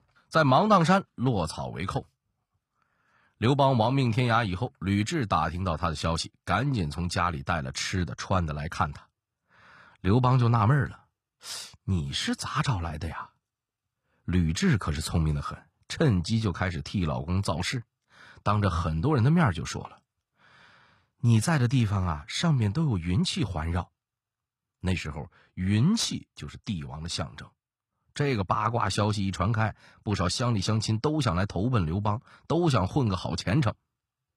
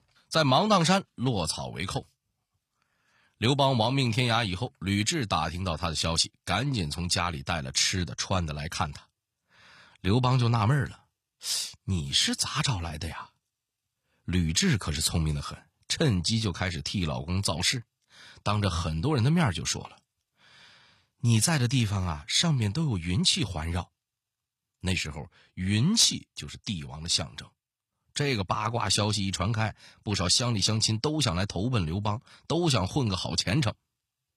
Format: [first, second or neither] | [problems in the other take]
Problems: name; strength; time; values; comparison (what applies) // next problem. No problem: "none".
second | muffled; slightly; fading above 2.5 kHz